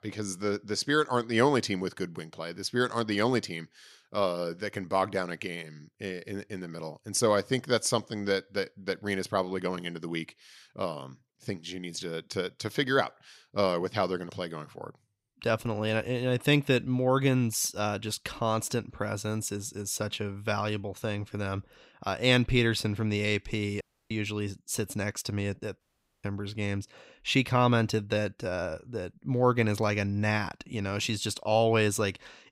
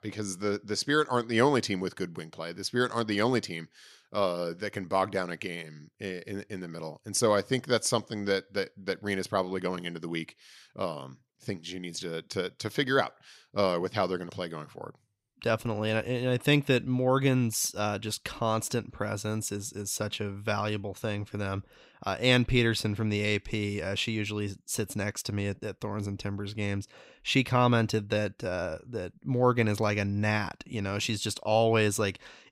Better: second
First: audio cutting out; at 24 s and at 26 s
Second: none

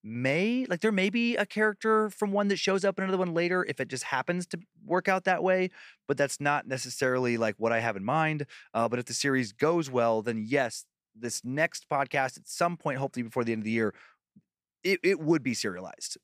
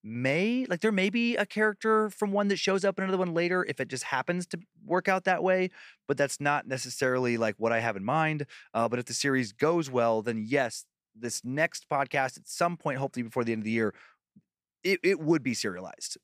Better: neither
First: none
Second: none

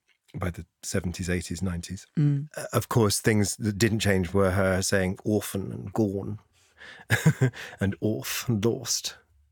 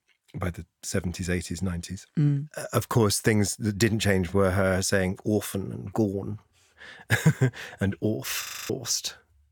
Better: first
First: none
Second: audio freezing; at 8.5 s

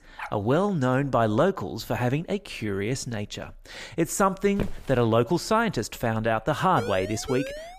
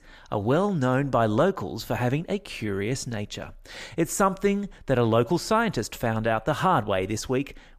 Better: second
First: dog barking; faint; at the start; peak 15 dB below the speech // footsteps; noticeable; at 4.5 s; peak 9 dB below the speech // siren; noticeable; from 7 s on; peak 9 dB below the speech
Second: none

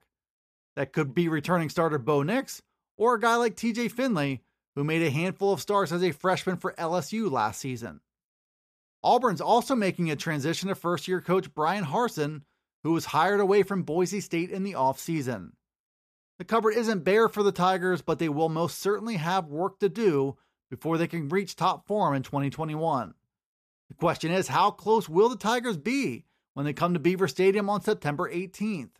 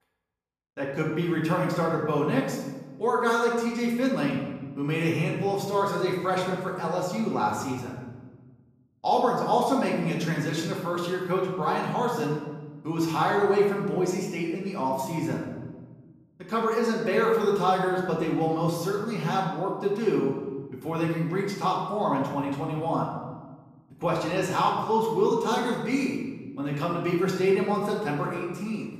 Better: first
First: none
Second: off-mic speech; far // room echo; noticeable; dies away in 1.1 s

